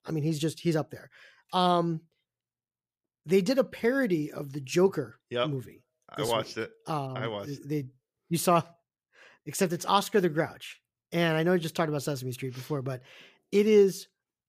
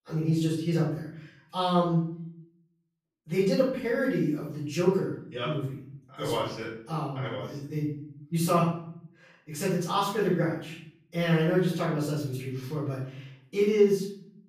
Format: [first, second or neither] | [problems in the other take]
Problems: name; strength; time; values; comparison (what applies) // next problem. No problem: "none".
first | off-mic speech; far // room echo; noticeable; dies away in 0.6 s